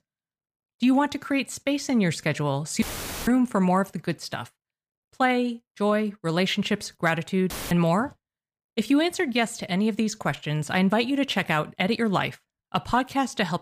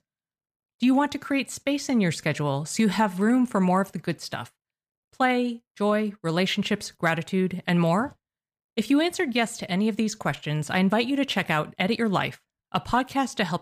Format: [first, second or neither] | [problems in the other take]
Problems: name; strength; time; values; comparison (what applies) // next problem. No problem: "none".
second | audio cutting out; filled with static; at 3 s and at 7.5 s